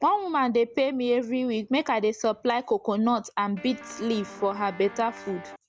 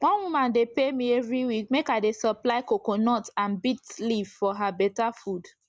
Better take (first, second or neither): second